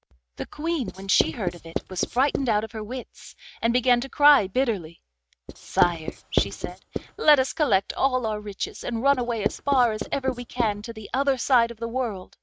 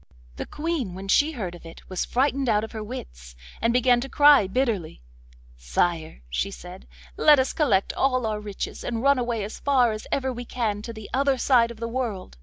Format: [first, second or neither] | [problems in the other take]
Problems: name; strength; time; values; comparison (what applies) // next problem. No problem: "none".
second | noise reduction (neural mask model RNNoise)